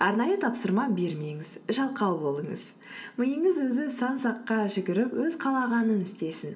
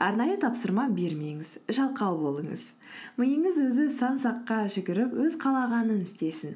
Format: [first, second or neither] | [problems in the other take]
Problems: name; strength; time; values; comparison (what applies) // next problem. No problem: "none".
second | room echo; dies away in 1.2 s